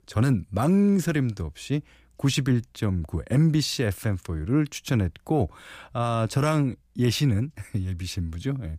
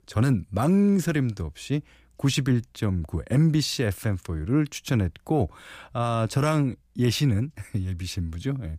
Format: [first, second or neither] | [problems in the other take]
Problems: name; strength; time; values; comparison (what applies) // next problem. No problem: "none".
neither | none